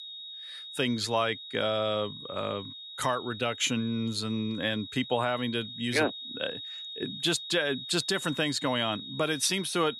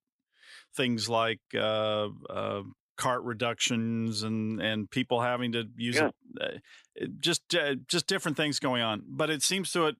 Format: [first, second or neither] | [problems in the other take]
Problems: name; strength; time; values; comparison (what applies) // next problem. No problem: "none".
second | high-pitched whine; loud; throughout; 4 kHz, 10 dB below the speech